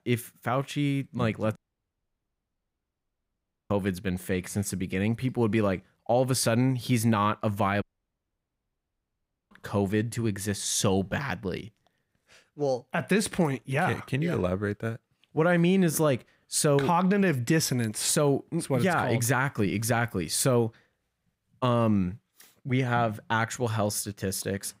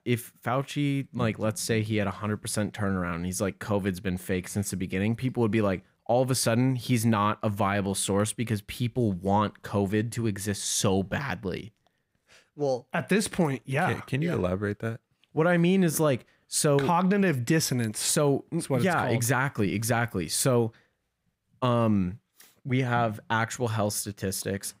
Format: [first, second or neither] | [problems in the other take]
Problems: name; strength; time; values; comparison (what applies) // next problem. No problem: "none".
second | audio cutting out; at 1.5 s for 2 s and at 8 s for 1.5 s